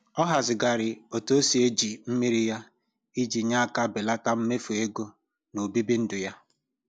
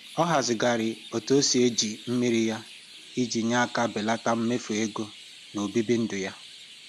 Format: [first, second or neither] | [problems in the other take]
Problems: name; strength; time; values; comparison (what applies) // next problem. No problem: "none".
first | background sound (Chirp, tweet); 19 dB below the speech